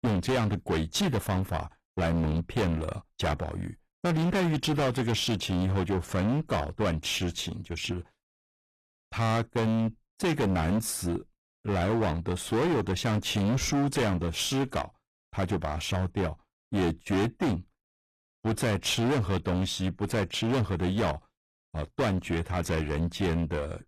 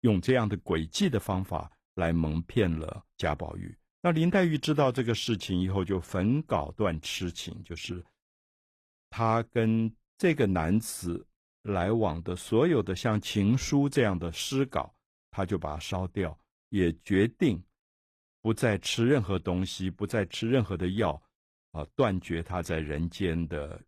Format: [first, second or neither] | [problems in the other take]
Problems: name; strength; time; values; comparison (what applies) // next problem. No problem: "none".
second | distortion; heavy; 20% of the sound clipped